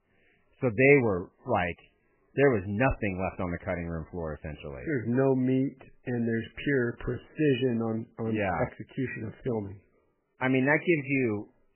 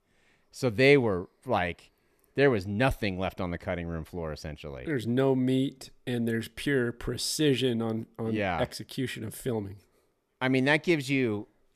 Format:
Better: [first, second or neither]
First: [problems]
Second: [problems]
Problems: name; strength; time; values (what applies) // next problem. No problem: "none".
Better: second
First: garbled, watery; badly; nothing above 2.5 kHz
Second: none